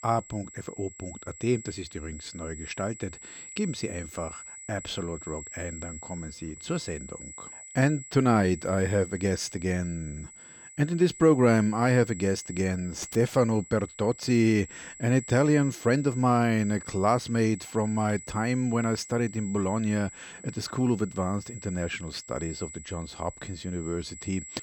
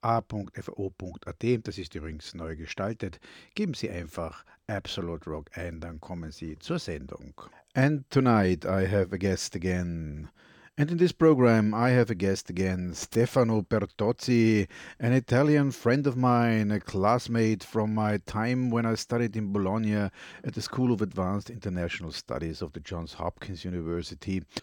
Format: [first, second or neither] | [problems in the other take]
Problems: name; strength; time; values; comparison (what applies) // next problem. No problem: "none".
second | high-pitched whine; noticeable; throughout; 8 kHz, 15 dB below the speech